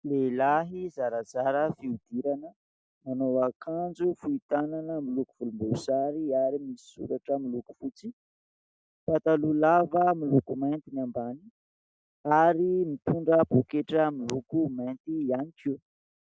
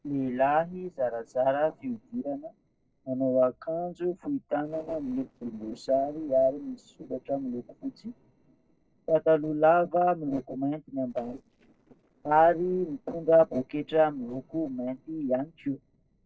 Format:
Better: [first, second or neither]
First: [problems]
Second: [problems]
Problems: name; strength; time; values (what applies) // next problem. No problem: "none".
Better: first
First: none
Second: noise reduction (neural separator model SepFormer DNS4)